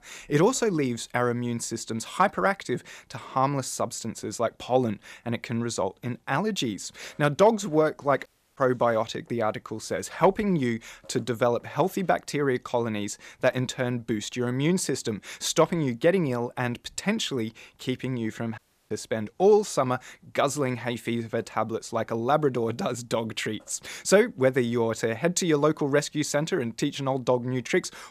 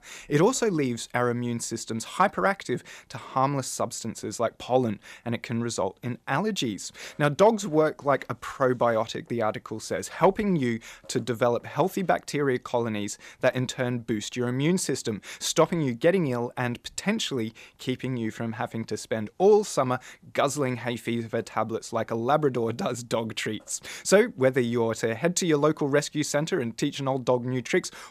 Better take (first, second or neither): second